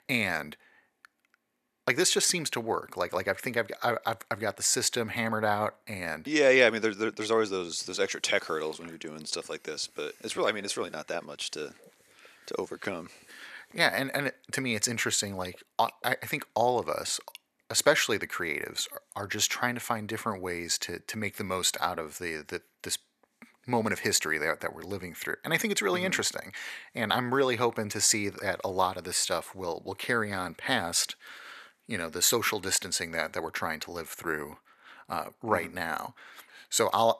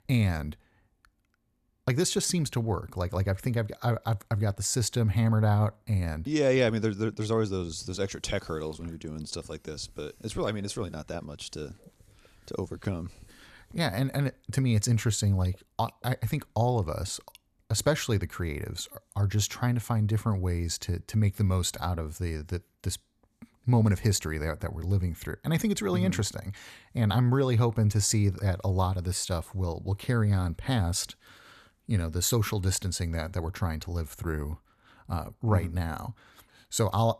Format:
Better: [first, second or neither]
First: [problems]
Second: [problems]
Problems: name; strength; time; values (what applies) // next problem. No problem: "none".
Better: second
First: thin; very; fading below 350 Hz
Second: none